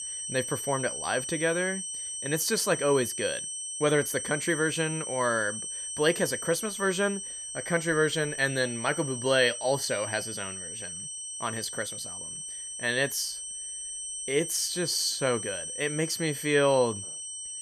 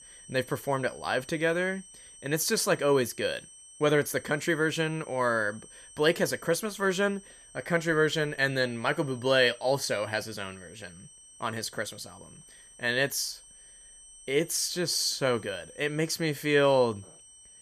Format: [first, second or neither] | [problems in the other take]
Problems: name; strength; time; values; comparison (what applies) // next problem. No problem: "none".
second | high-pitched whine; loud; throughout; 8.5 kHz, 6 dB below the speech; faint in the second